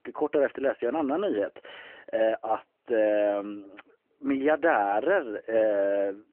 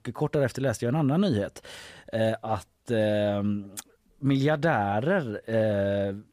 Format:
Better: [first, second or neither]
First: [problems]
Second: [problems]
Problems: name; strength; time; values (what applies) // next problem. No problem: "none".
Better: second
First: phone-call audio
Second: none